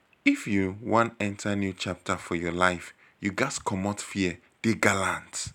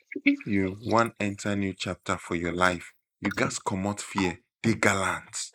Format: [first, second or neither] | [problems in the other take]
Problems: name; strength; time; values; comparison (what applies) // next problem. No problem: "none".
first | noise reduction (neural mask model Resemble Enhance denoiser)